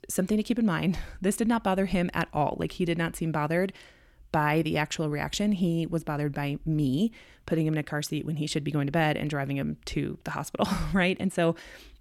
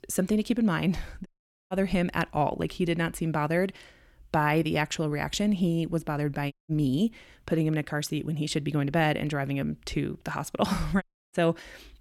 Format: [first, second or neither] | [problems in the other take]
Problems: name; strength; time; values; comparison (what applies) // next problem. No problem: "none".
first | audio cutting out; at 1.5 s, at 6.5 s and at 11 s